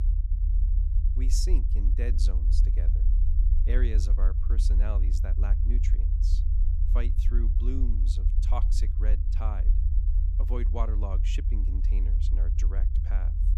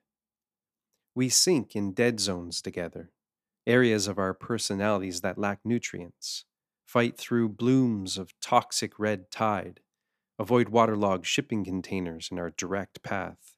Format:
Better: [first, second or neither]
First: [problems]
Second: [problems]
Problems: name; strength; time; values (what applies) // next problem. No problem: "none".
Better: second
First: low rumble; loud; throughout; 5 dB below the speech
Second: none